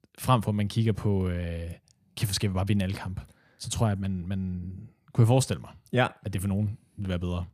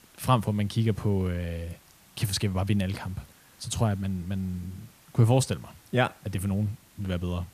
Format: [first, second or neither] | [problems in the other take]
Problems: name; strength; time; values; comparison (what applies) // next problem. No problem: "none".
first | hiss; faint; throughout; 25 dB below the speech